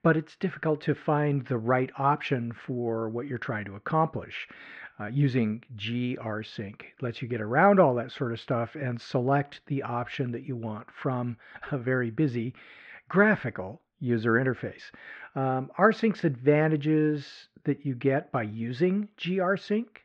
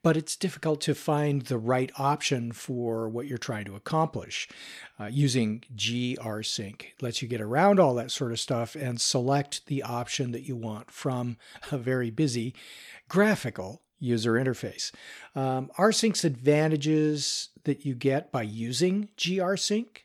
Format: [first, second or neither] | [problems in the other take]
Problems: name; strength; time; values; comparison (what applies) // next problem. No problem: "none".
second | muffled; very; fading above 2.5 kHz